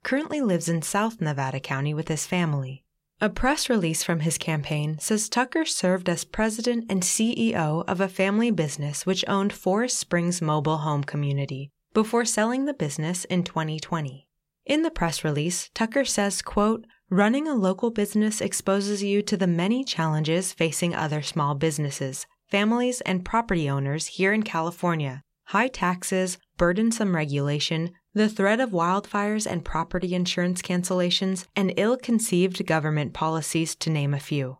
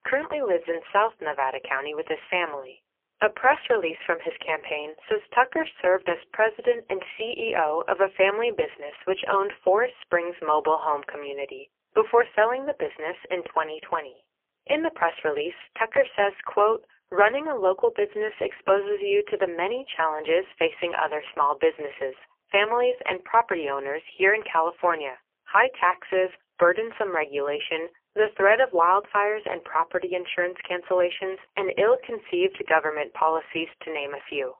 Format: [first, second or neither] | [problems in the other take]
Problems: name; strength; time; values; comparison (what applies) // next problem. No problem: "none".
first | phone-call audio; poor line; nothing above 3 kHz